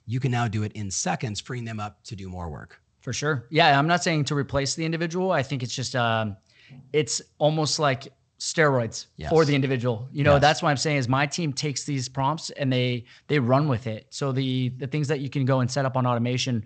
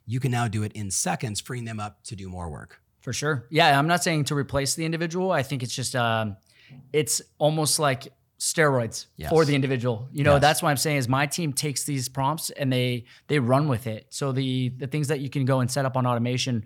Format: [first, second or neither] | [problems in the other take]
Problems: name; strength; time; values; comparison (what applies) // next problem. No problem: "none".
second | garbled, watery; slightly; nothing above 8 kHz